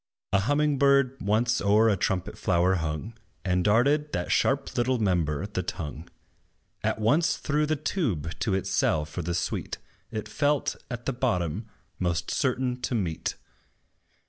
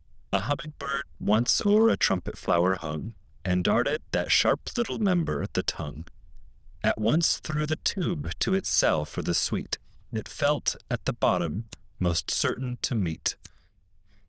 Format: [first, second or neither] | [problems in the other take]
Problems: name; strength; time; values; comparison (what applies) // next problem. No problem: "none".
first | noise reduction (neural diffusion model UNIVERSE++)